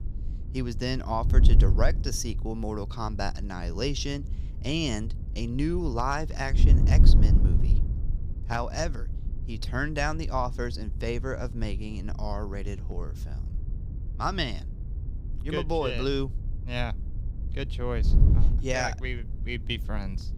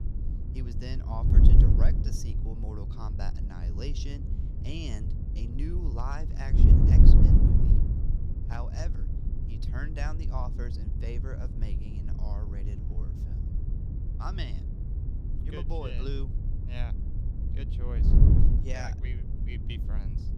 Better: first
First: wind noise on the microphone; occasional gusts; 15 dB below the speech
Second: wind noise on the microphone; heavy; as loud as the speech

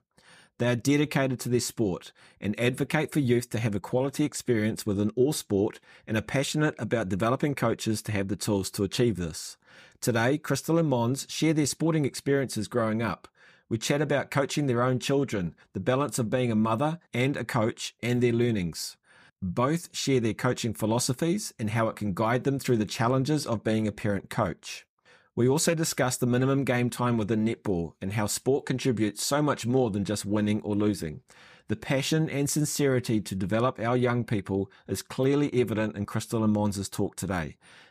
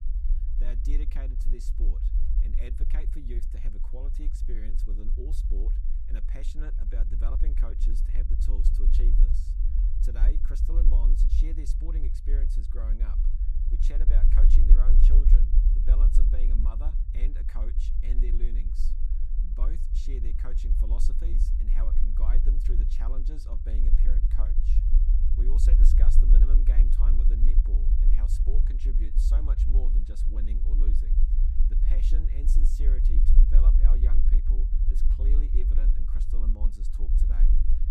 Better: first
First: none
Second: low rumble; loud; throughout; 1 dB below the speech

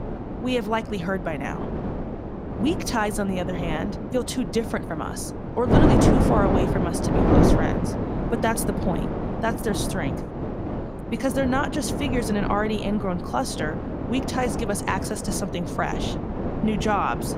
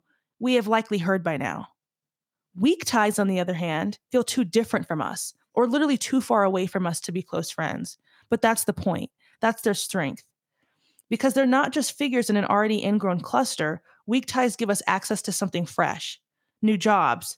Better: second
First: wind noise on the microphone; heavy; 2 dB below the speech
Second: none

